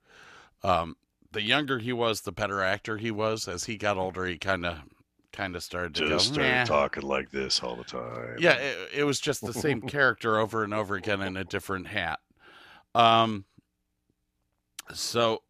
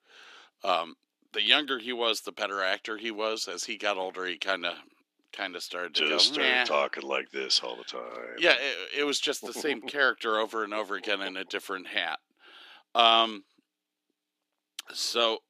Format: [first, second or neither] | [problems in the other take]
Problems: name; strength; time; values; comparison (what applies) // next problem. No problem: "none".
first | thin; very slightly; fading below 250 Hz